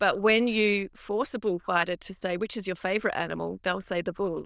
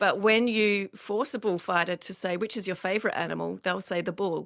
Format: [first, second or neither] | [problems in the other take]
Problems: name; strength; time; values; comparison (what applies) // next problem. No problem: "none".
second | noise reduction (neural diffusion model UNIVERSE++)